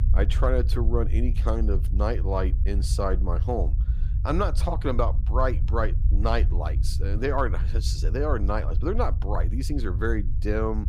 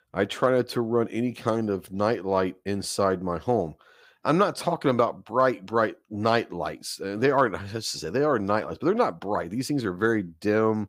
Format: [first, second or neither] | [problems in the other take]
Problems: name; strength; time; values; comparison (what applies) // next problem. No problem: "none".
second | low rumble; noticeable; throughout; 15 dB below the speech